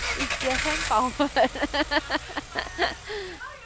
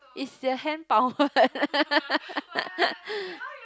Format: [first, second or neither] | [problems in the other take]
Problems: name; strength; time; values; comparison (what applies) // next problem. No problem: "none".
second | background sound (Engine / Car); 6 dB below the speech